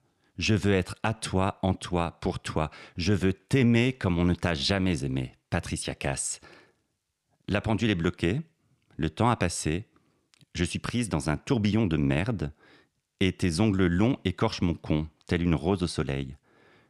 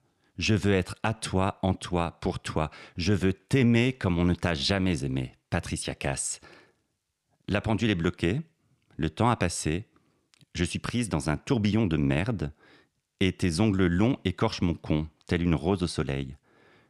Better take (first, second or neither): neither